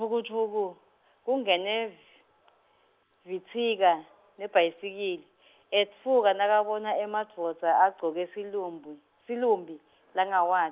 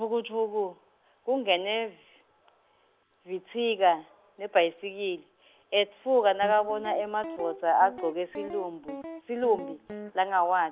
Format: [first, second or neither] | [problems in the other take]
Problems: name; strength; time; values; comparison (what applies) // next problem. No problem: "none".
first | background sound (Guitar); 13 dB below the speech